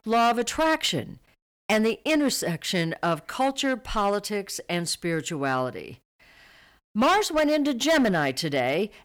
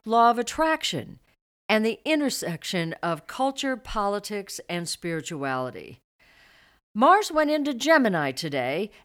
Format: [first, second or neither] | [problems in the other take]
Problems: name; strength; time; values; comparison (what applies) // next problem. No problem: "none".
second | distortion; heavy; 6% of the sound clipped